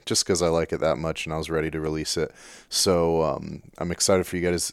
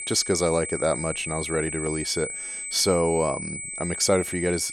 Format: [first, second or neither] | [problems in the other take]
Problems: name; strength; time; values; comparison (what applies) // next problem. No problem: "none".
first | high-pitched whine; loud; throughout; 8 kHz, 6 dB below the speech